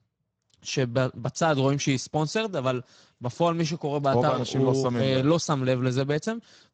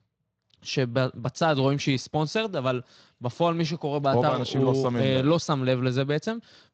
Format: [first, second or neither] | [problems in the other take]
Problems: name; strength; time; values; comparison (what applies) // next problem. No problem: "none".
second | garbled, watery; badly; slightly in the second